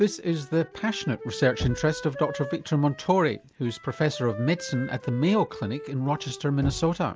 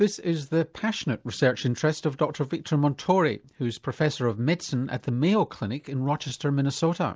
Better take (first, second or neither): second